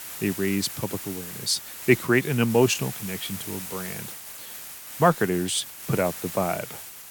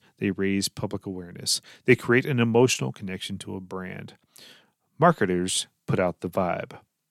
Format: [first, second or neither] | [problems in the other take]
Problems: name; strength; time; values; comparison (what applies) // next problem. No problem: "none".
second | hiss; loud; throughout; 10 dB below the speech